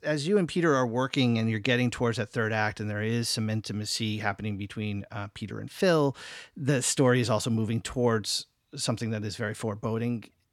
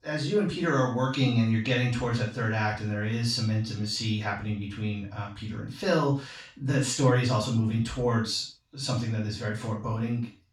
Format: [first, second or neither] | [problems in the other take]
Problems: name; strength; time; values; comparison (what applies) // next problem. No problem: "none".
first | room echo; noticeable; dies away in 0.3 s // off-mic speech; far